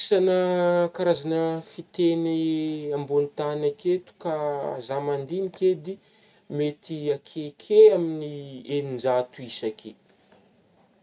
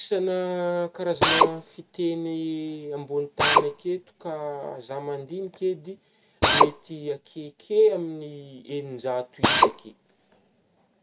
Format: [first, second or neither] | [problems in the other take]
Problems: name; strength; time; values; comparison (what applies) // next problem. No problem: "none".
first | background sound (Drill); 1 dB above the speech